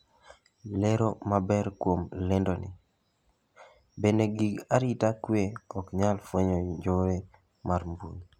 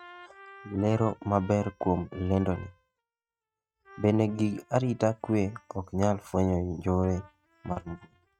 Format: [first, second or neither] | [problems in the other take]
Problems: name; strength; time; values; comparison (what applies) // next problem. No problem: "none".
first | noise reduction (neural mask model RNNoise)